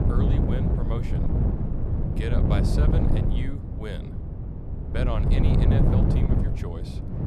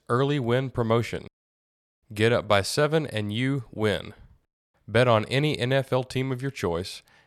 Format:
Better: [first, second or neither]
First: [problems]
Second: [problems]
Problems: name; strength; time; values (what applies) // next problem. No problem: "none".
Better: second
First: wind noise on the microphone; heavy; 3 dB above the speech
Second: none